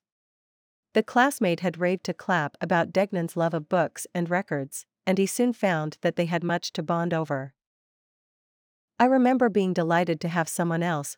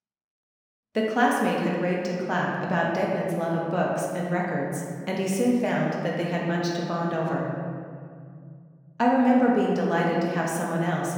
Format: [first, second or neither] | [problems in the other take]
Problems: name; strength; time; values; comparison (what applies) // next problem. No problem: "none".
first | room echo; noticeable; dies away in 2.1 s // off-mic speech; far